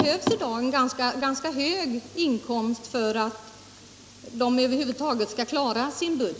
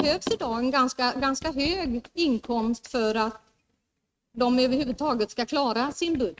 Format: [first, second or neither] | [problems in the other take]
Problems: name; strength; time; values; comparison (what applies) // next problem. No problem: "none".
first | noise reduction (neural mask model RNNoise)